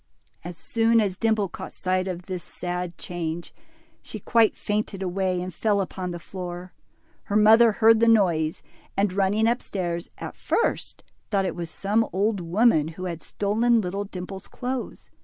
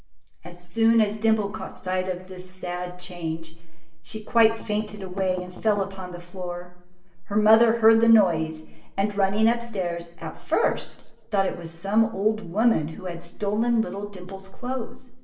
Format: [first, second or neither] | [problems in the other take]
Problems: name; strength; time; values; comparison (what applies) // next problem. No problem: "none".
first | noise reduction (neural separator model SepFormer DNS4)